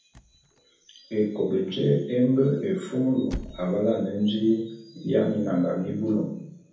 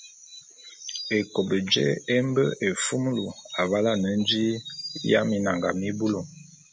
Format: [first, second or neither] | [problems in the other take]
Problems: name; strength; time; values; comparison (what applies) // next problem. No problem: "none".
second | background sound (Squeak / Slam / Wood); 18 dB below the speech // room echo; dies away in 0.7 s